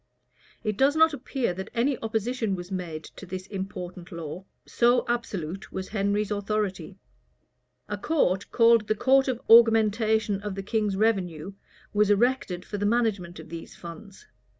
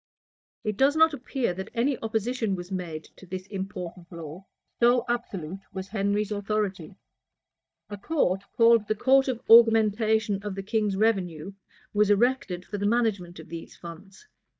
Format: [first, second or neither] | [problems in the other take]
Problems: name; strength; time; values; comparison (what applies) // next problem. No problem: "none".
first | noise reduction (neural mask model DeepFilterNet 3)